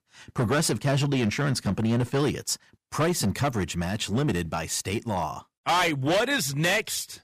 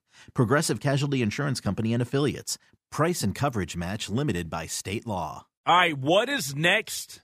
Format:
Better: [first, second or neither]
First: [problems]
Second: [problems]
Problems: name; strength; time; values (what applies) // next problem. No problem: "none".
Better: second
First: distortion; heavy; 11% of the sound clipped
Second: none